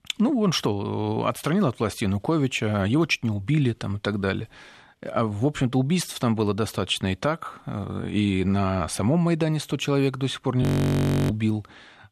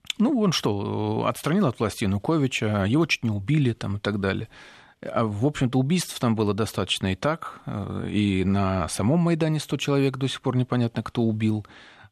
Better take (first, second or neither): second